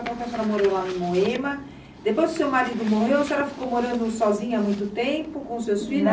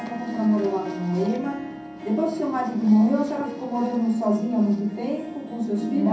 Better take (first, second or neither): first